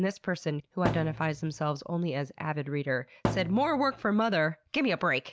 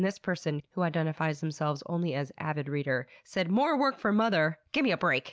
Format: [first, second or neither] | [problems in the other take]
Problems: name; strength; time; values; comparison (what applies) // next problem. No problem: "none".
second | background sound (Thump, thud); 6 dB below the speech